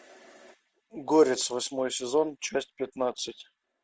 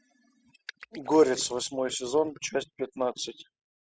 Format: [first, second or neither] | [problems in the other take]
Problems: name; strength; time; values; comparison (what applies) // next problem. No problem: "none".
first | noise reduction (classical method spectral subtraction)